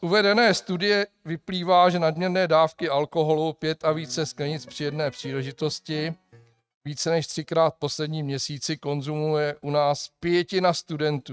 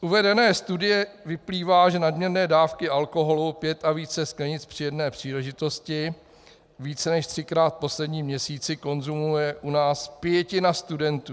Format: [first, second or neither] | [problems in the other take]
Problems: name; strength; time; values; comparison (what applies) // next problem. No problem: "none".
second | noise reduction (neural mask model RNNoise)